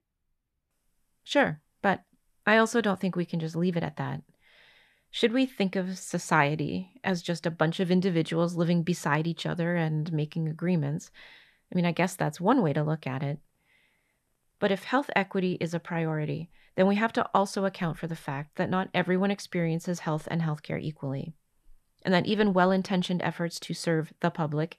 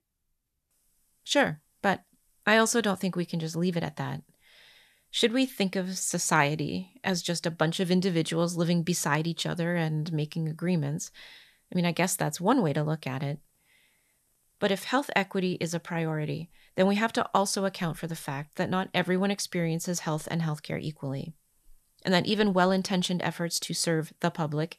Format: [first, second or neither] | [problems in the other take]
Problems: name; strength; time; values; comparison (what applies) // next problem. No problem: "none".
second | muffled; slightly; fading above 4 kHz